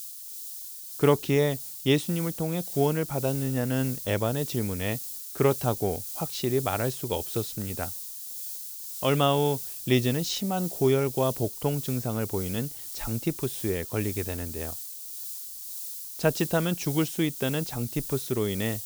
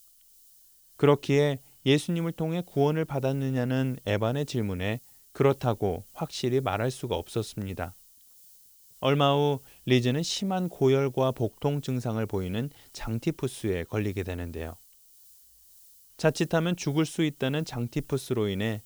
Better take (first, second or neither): second